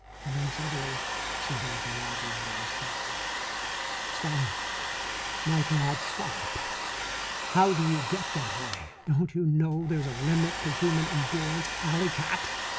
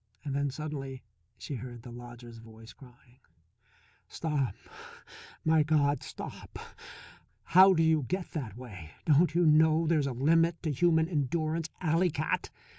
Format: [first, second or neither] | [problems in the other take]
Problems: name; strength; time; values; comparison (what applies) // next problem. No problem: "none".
second | background sound (Domestic sounds, home sounds); 3 dB below the speech